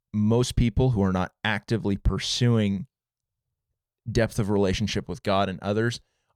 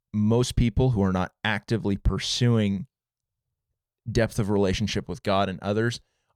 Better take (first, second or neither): neither